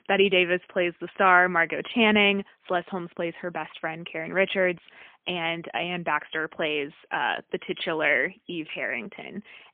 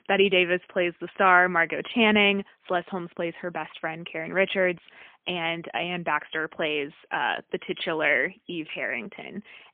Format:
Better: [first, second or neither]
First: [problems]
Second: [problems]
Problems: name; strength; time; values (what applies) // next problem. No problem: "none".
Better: neither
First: phone-call audio; poor line; nothing above 3 kHz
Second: phone-call audio; poor line; nothing above 3 kHz